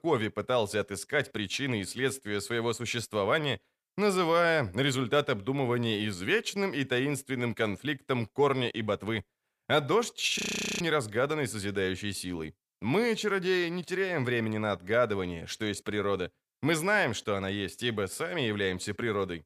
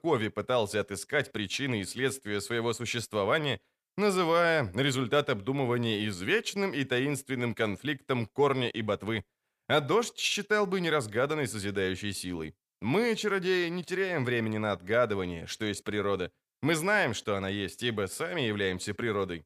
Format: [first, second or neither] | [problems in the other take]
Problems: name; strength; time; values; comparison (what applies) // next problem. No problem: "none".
second | audio freezing; at 10 s